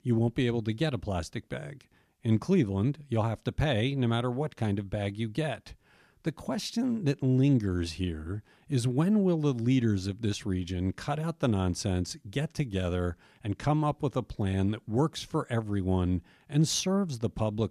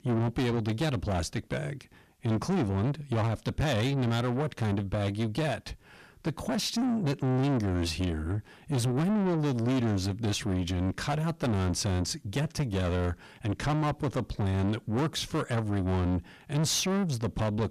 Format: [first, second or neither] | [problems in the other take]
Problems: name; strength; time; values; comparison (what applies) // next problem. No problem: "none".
first | distortion; heavy; 7 dB below the speech